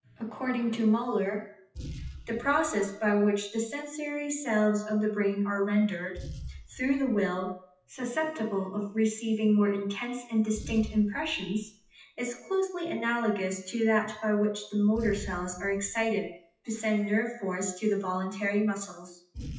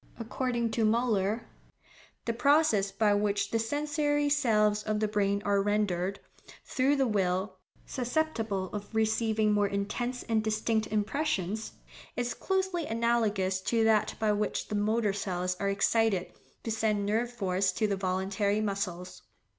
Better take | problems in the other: second | noise reduction (classical method WPE with log-MMSE)

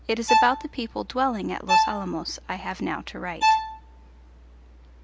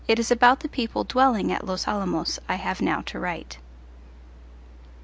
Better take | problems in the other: second | background sound (Bowed string instrument); 3 dB above the speech

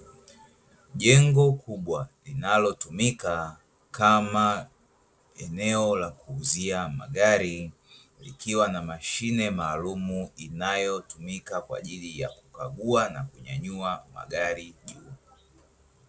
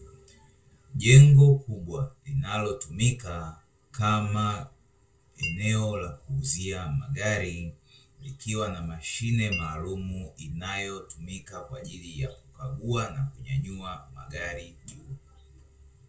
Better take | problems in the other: first | background sound (Chink, clink); 13 dB below the speech // room echo; dies away in 0.2 s

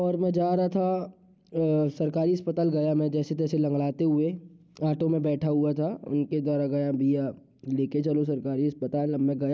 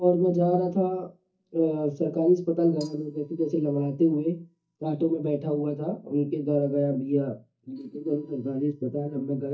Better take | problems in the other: first | noise reduction (neural mask model DeepFilterNet 3)

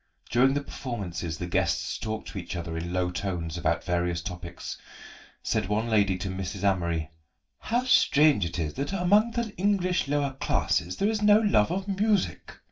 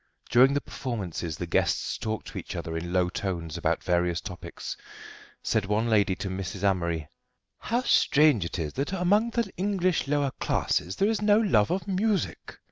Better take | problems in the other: second | room echo; dies away in 0.2 s

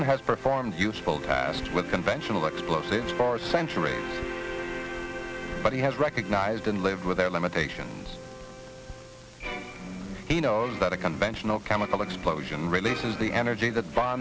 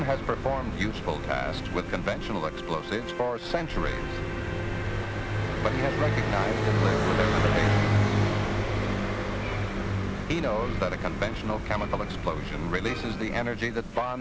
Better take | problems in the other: first | background sound (Car passing by); 2 dB above the speech

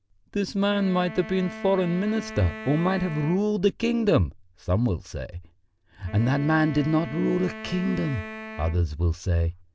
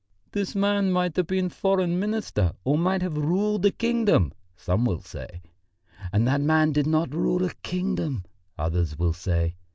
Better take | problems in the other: second | background sound (Wind instrument, woodwind instrument); 14 dB below the speech

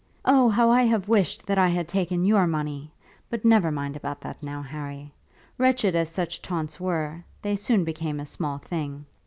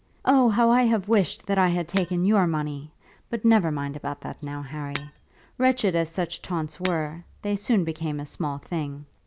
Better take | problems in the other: first | background sound (Shatter); 18 dB below the speech

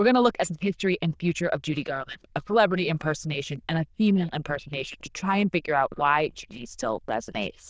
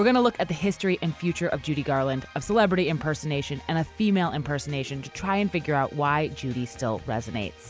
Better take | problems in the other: second | noise reduction (neural diffusion model UNIVERSE++)

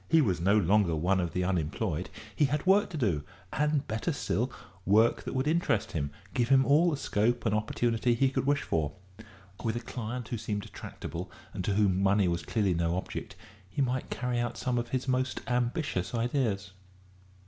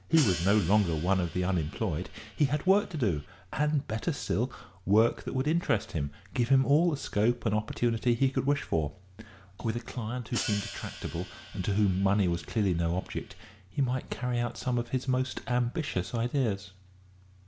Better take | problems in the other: first | background sound (Hi-hat); 14 dB below the speech

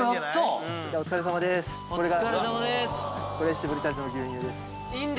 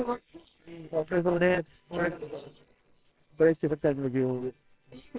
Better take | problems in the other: first | noise reduction (neural separator model SepFormer WHAMR!)

